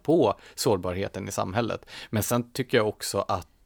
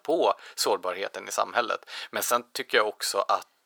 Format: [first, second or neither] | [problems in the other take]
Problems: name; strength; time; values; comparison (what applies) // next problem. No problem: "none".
first | thin; very; fading below 600 Hz